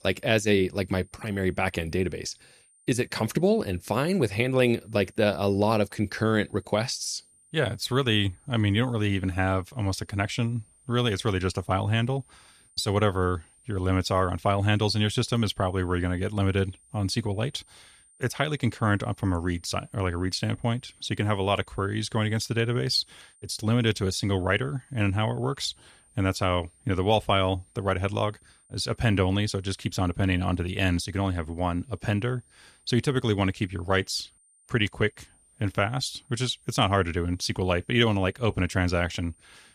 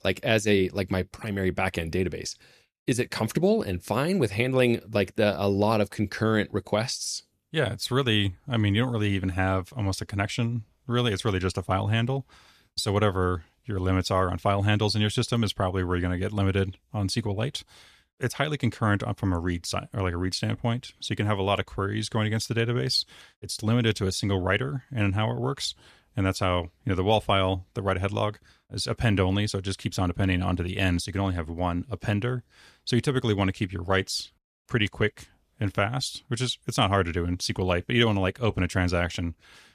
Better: second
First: high-pitched whine; faint; throughout; 9 kHz, 30 dB below the speech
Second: none

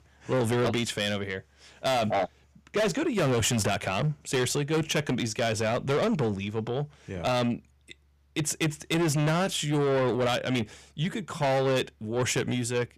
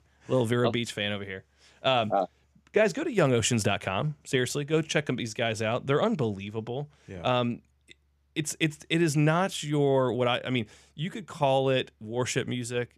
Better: second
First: distortion; heavy; 7 dB below the speech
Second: none

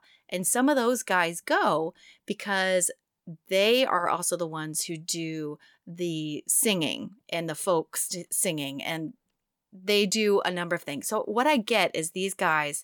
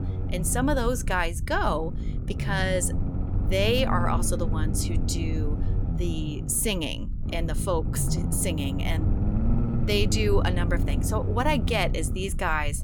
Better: first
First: none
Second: low rumble; noticeable; throughout; 10 dB below the speech

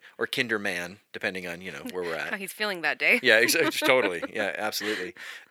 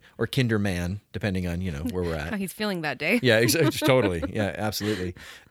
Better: second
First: thin; somewhat; fading below 350 Hz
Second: none

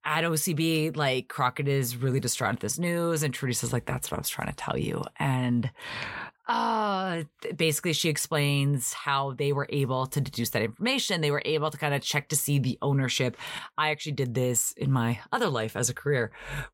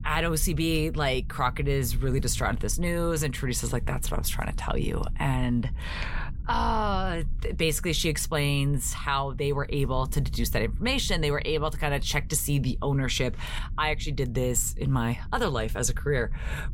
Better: first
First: none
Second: low rumble; faint; throughout; 25 dB below the speech

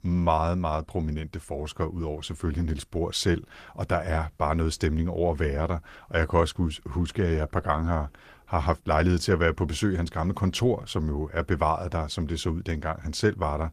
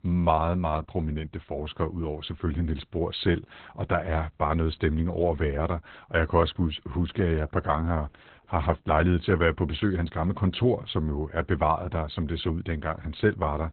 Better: first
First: garbled, watery; slightly; nothing above 14.5 kHz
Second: garbled, watery; badly; nothing above 4 kHz

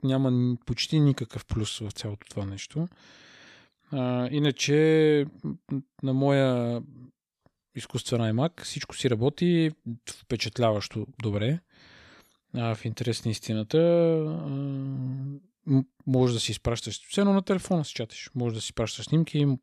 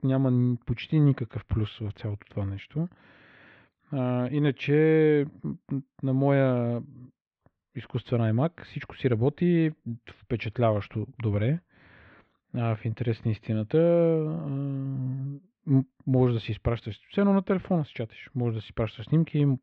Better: first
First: none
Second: muffled; very; fading above 2.5 kHz

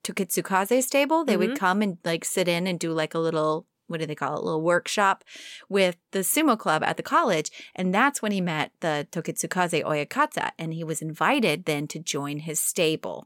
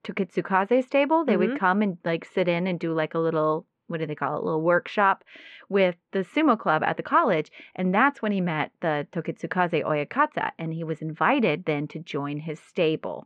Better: first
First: none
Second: muffled; very; fading above 2.5 kHz

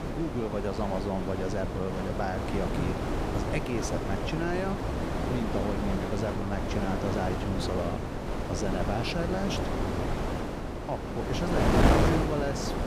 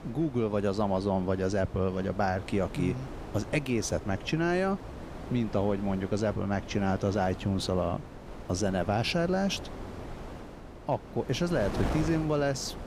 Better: second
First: wind noise on the microphone; heavy; 2 dB above the speech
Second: wind noise on the microphone; occasional gusts; 10 dB below the speech

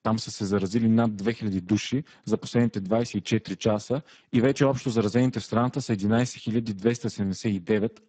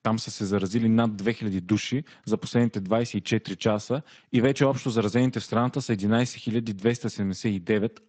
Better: second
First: garbled, watery; badly; nothing above 8 kHz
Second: garbled, watery; slightly; nothing above 8 kHz

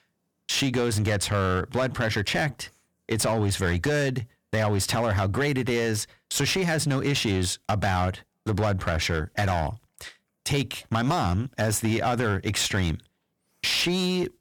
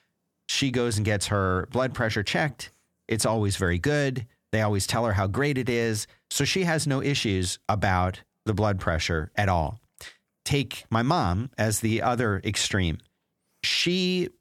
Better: second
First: distortion; slight; 13% of the sound clipped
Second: none

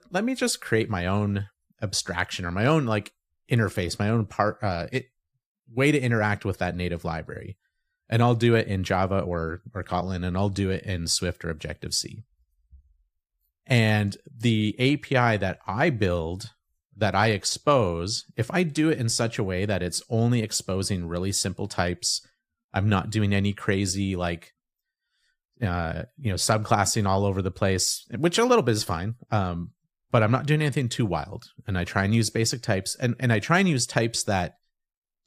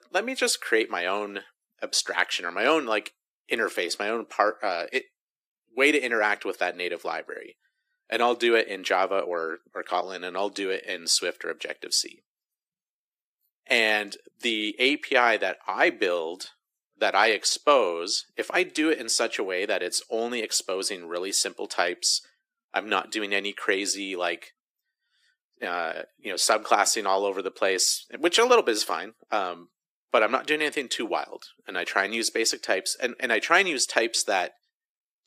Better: first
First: none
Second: thin; very; fading below 300 Hz

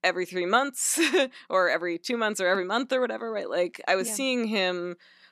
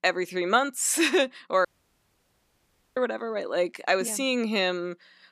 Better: first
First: none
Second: audio cutting out; at 1.5 s for 1.5 s

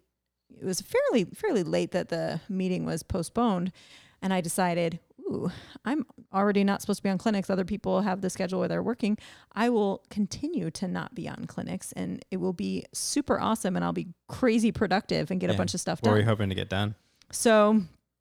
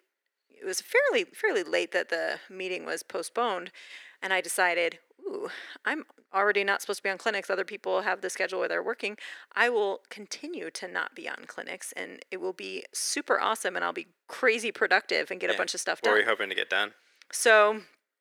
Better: first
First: none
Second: thin; very; fading below 400 Hz

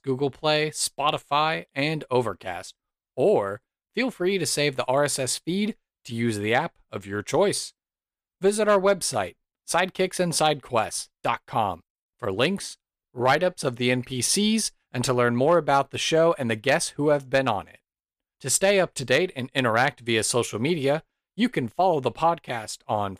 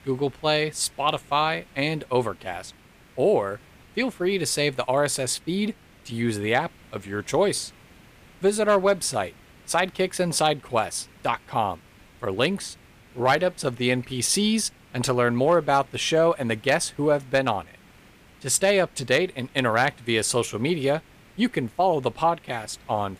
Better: first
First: none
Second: hiss; faint; throughout; 25 dB below the speech

